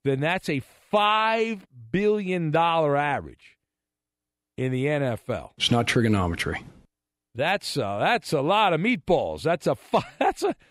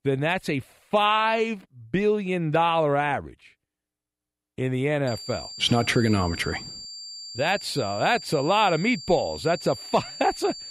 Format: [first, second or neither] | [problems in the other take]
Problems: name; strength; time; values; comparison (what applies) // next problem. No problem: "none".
first | high-pitched whine; noticeable; from 5 s on; 4.5 kHz, 10 dB below the speech